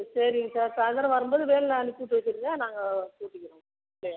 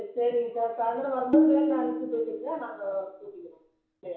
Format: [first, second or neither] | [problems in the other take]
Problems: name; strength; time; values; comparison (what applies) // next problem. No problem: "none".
first | background sound (Tabla); 2 dB above the speech // room echo; dies away in 0.6 s